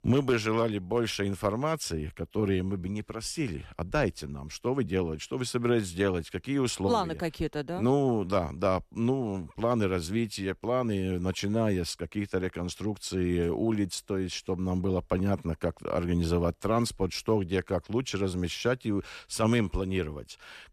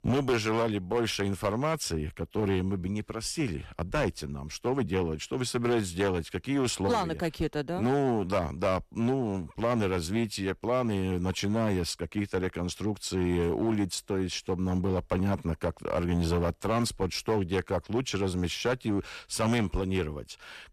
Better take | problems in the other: first | distortion; slight; 6% of the sound clipped

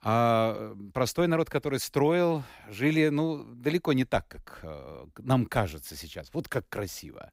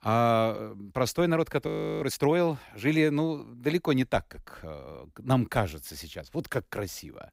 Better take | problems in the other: first | audio freezing; at 1.5 s

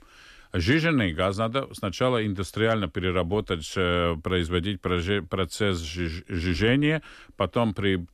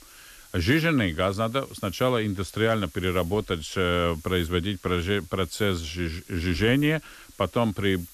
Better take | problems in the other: first | hiss; faint; throughout; 20 dB below the speech

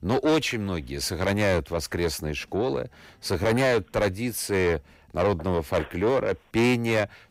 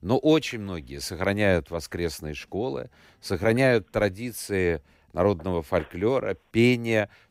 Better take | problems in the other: second | distortion; heavy; 8 dB below the speech

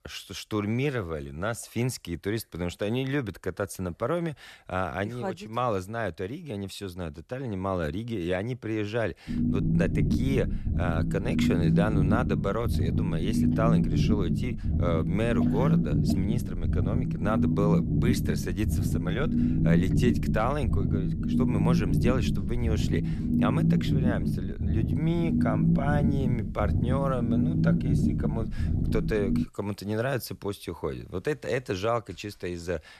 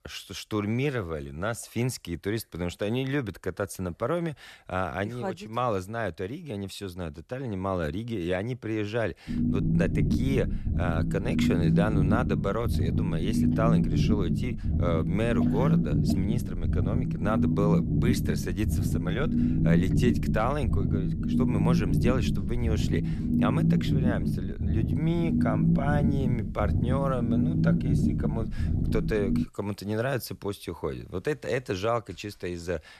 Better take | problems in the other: neither | low rumble; loud; from 9.5 to 29 s; 2 dB below the speech; the same in both

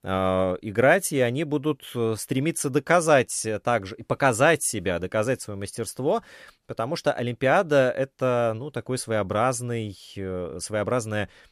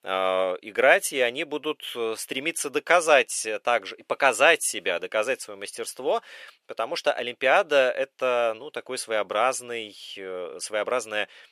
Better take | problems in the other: first | thin; somewhat; fading below 500 Hz

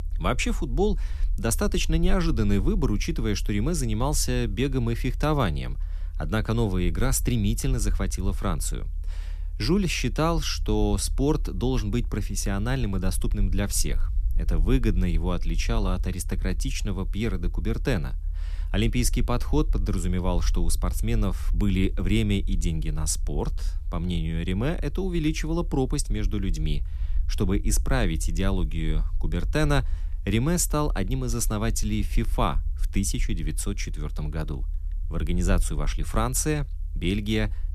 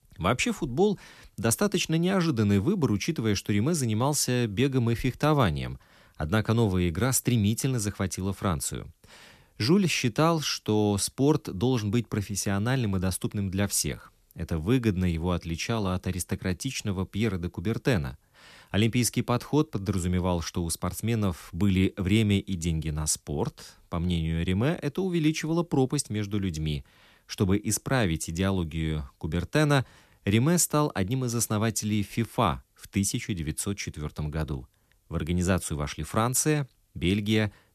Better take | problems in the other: second | low rumble; faint; throughout; 25 dB below the speech

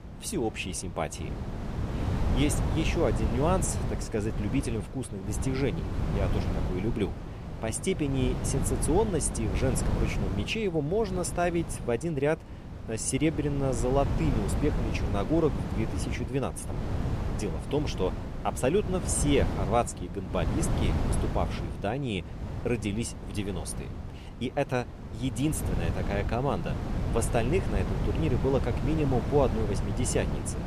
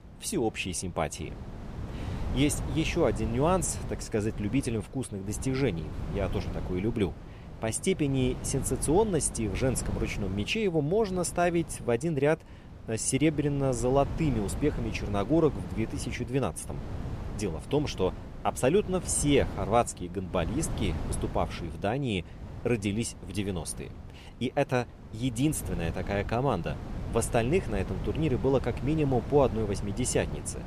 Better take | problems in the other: second | wind noise on the microphone; heavy; 8 dB below the speech; occasional gusts in the second

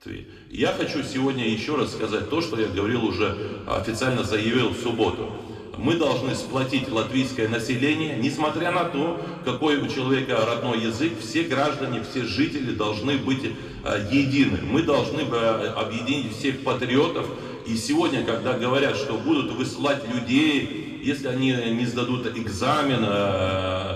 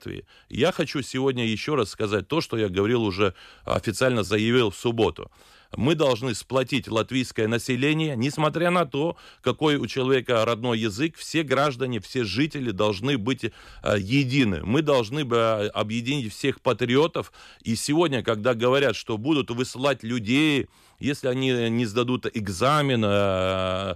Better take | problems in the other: second | room echo; slight; dies away in 2.1 s // off-mic speech; far

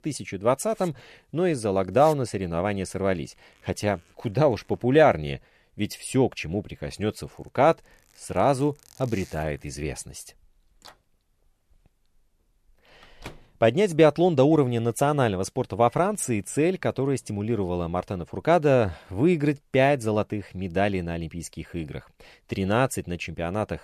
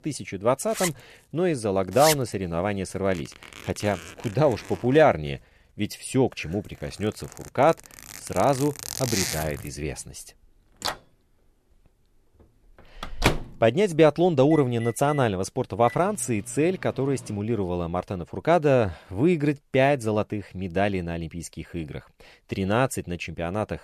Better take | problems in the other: first | household noises; loud; until 17 s; 8 dB below the speech; faint in the first

